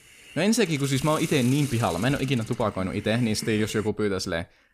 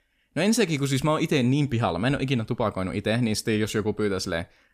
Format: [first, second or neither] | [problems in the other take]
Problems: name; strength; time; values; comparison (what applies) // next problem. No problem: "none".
second | hiss; noticeable; until 4 s; 15 dB below the speech